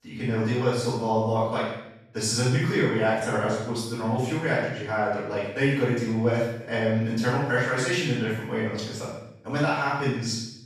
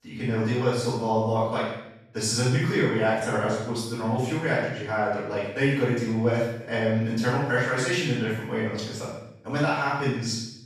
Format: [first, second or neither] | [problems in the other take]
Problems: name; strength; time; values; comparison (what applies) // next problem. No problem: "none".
neither | off-mic speech; far; the same in both // room echo; strong; dies away in 0.7 s; the same in both